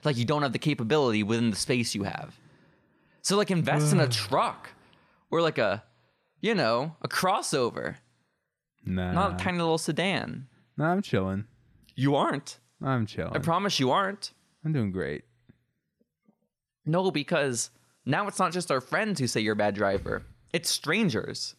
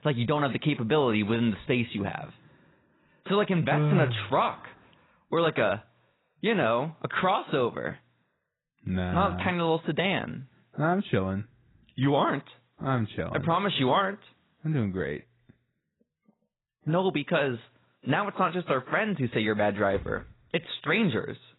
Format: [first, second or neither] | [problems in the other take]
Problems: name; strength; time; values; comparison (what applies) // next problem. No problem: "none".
first | garbled, watery; badly; nothing above 4 kHz